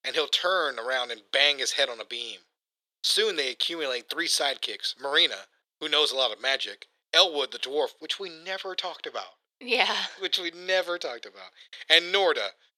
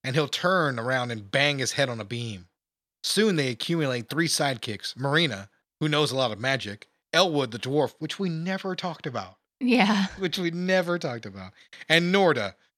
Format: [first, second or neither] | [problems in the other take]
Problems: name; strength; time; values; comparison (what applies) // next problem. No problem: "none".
second | thin; very; fading below 400 Hz